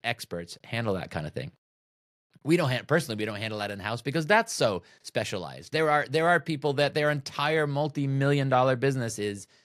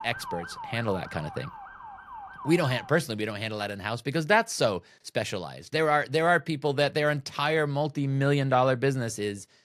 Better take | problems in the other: first | siren; faint; until 3 s; peak 10 dB below the speech

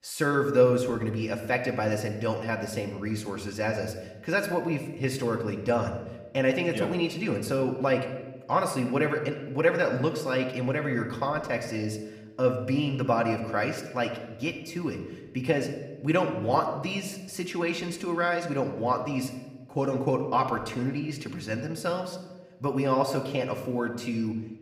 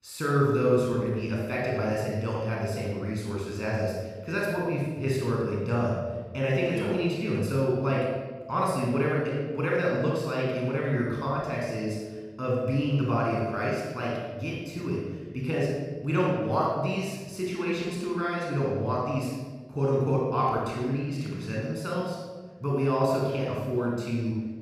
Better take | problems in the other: first | room echo; strong; dies away in 1.3 s; slight in the first // off-mic speech; far; somewhat distant in the first

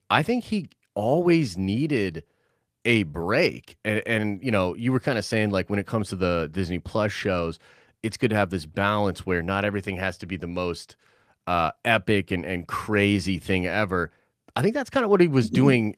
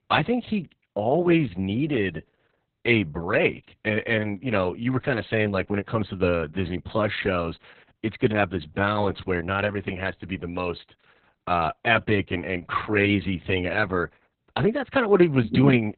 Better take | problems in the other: first | garbled, watery; badly; nothing above 4 kHz; slightly in the first

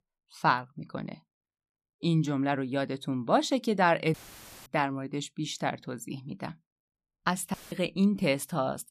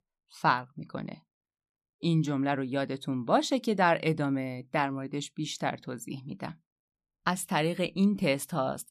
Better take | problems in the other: second | audio cutting out; filled with static; at 4 s for 0.5 s and at 7.5 s

